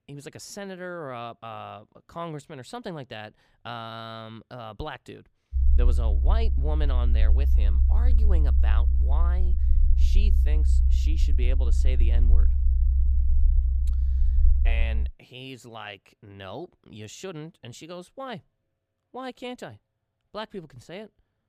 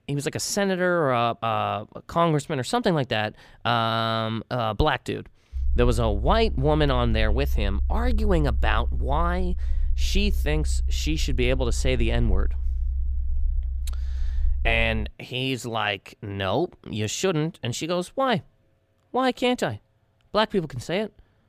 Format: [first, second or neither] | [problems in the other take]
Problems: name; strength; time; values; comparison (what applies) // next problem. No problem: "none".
second | low rumble; loud; from 5.5 to 15 s; 6 dB below the speech; faint in the second